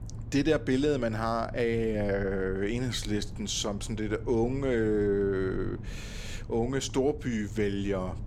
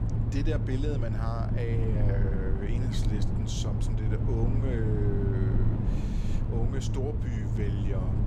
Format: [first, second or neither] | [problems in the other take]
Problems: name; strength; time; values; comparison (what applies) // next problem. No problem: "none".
first | low rumble; loud; throughout; 2 dB below the speech; faint in the first